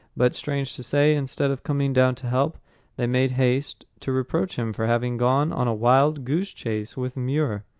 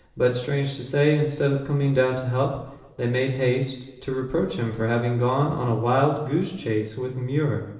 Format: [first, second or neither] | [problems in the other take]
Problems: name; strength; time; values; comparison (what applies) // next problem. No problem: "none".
first | room echo; dies away in 0.9 s